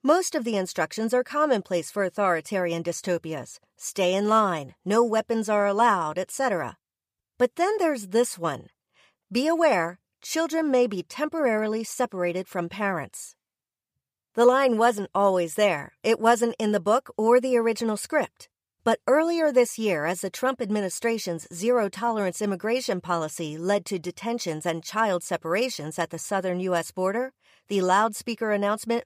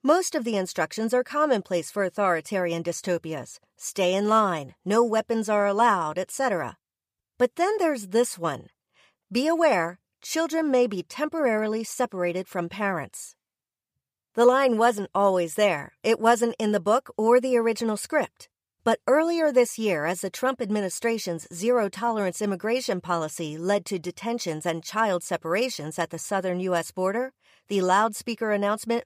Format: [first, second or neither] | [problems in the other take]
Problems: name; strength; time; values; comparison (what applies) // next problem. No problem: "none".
neither | none